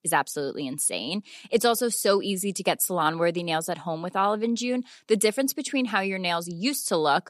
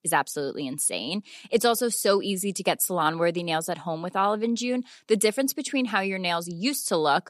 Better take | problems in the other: neither | none

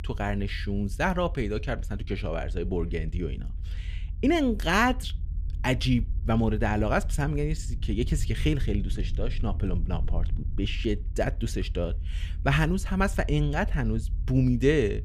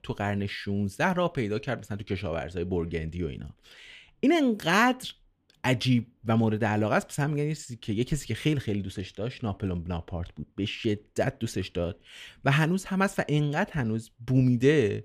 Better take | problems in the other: second | low rumble; faint; throughout; 20 dB below the speech

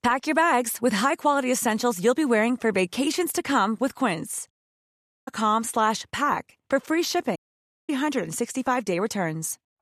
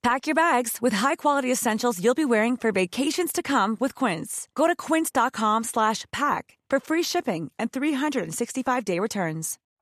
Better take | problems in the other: second | audio cutting out; at 4.5 s for 1 s and at 7.5 s for 0.5 s

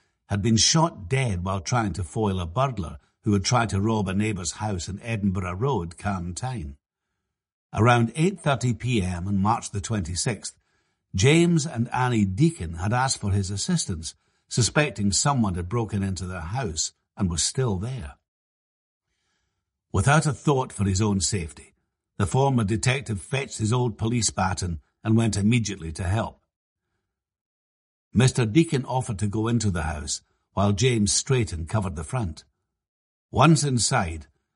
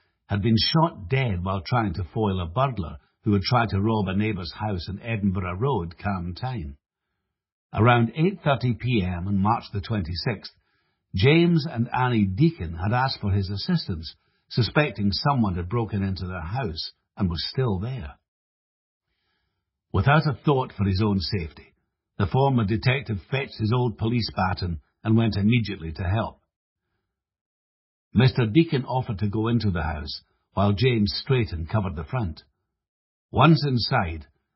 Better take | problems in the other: first | garbled, watery; badly; nothing above 5.5 kHz; slightly in the first

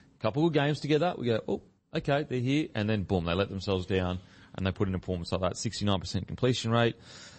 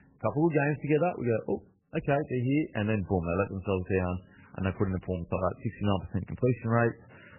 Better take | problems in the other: first | garbled, watery; badly; nothing above 3 kHz; slightly in the first

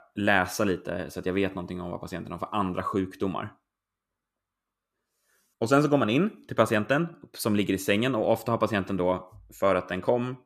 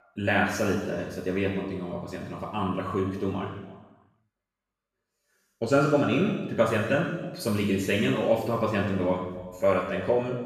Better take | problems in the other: first | room echo; noticeable; dies away in 1.2 s // off-mic speech; far

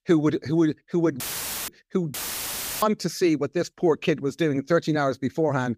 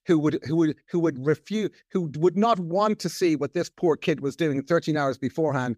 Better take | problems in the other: second | audio cutting out; filled with static; at 1 s and at 2 s for 0.5 s

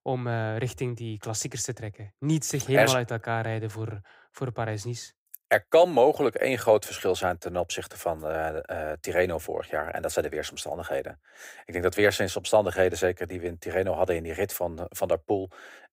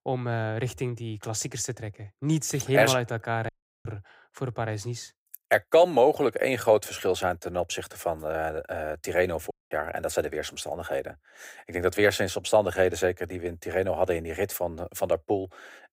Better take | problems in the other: first | audio cutting out; at 3.5 s and at 9.5 s

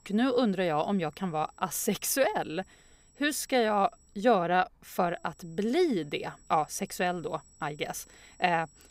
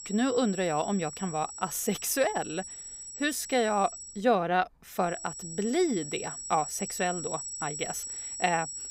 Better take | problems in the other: first | high-pitched whine; loud; until 4 s and from 5 s on; 8 kHz, 8 dB below the speech; faint in the first

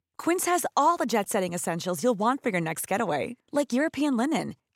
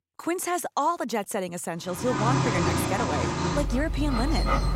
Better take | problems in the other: first | animal sounds; very loud; from 2 s on; 2 dB above the speech

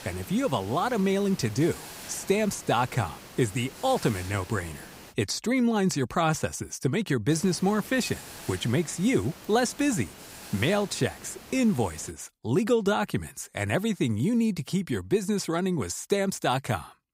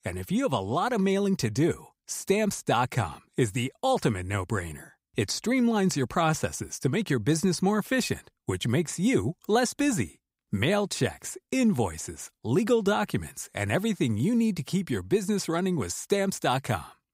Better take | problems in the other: second | hiss; noticeable; until 5 s and from 7.5 to 12 s; 15 dB below the speech

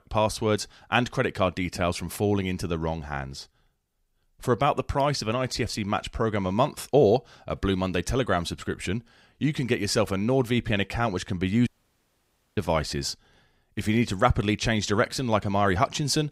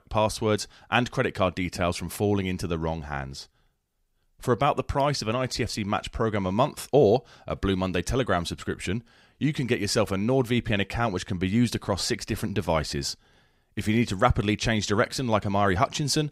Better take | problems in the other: second | audio cutting out; at 12 s for 1 s

